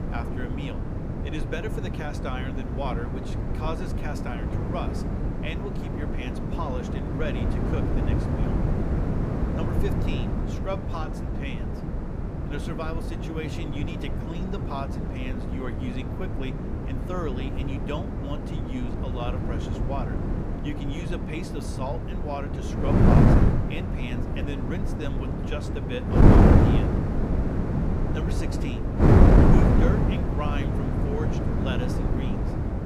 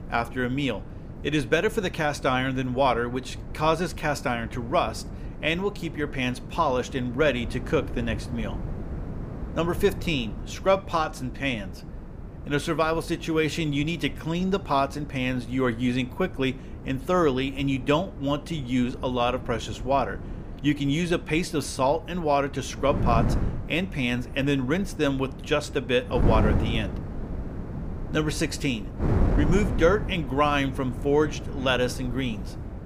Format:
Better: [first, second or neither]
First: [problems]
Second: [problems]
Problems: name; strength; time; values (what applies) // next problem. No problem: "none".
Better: second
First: wind noise on the microphone; heavy; 4 dB above the speech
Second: wind noise on the microphone; occasional gusts; 15 dB below the speech